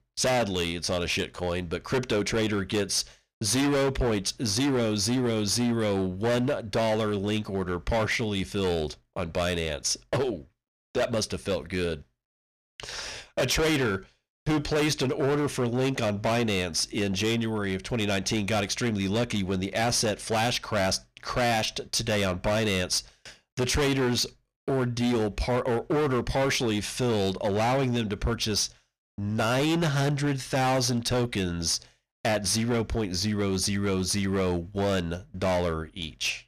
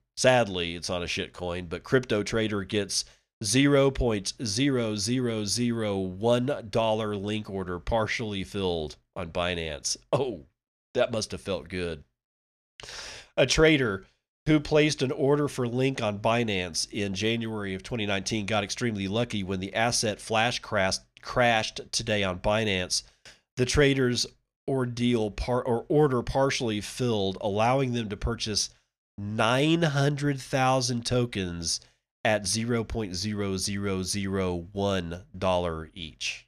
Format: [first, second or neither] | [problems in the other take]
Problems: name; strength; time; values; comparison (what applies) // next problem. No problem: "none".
second | distortion; heavy; 17% of the sound clipped